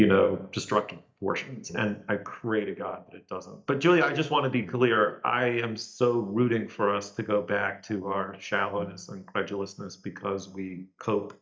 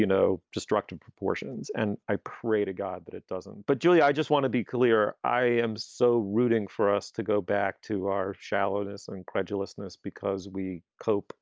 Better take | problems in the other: second | noise reduction (neural mask model DeepFilterNet 3)

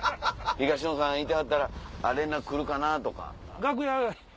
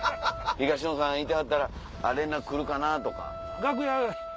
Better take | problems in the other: first | background sound (Wind instrument, woodwind instrument); 13 dB below the speech

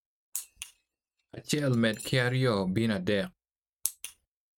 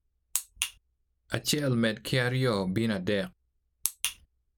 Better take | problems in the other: second | noise reduction (neural mask model RNNoise)

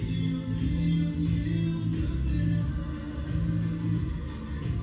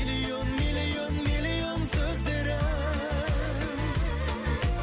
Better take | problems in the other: second | room echo; dies away in 1.2 s

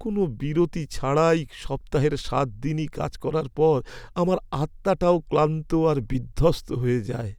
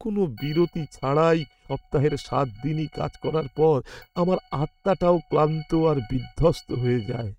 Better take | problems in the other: first | noise reduction (neural mask model RNNoise)

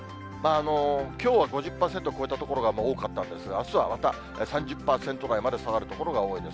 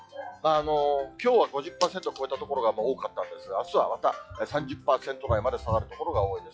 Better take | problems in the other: first | noise reduction (classical method log-MMSE)

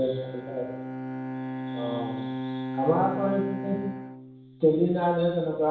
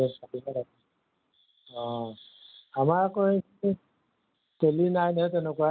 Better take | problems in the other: second | background sound (Bowed string instrument); 7 dB below the speech // room echo; dies away in 0.6 s

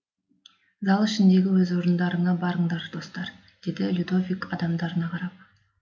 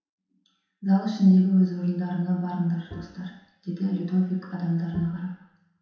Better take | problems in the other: first | background sound (Bowed string instrument); 20 dB below the speech // room echo; dies away in 0.7 s

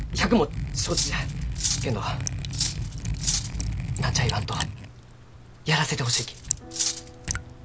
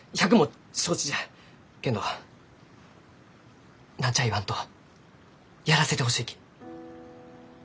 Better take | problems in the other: second | background sound (Liquid + Cutlery, silverware); as loud as the speech

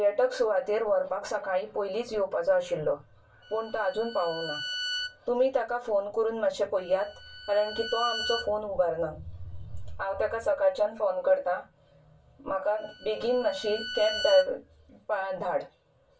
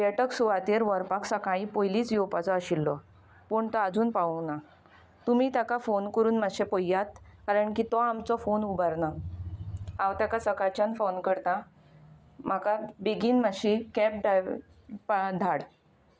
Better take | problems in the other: second | background sound (Bowed string instrument); 10 dB below the speech // room echo; dies away in 0.2 s

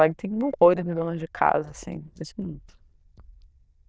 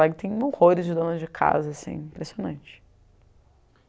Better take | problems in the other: second | noise reduction (neural diffusion model UNIVERSE++)

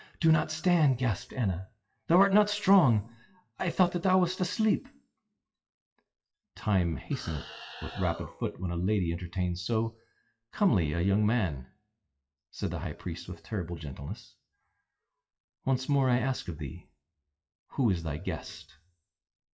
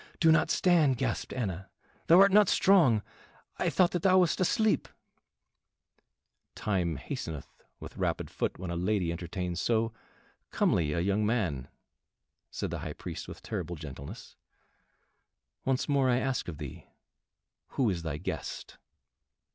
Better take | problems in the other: second | noise reduction (classical method WPE with log-MMSE)

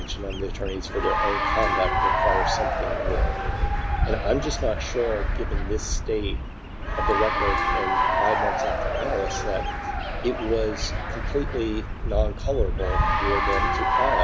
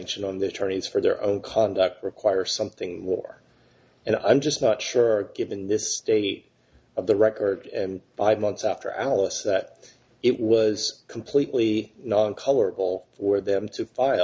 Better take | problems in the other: second | background sound (Bird vocalization, bird call, bird song + Applause / Cheering); 4 dB above the speech

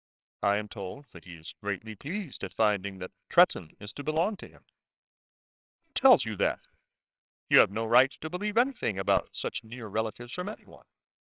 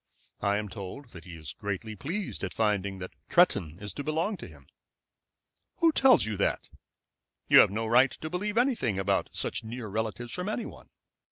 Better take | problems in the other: second | noise reduction (neural separator model SepFormer WHAMR!)

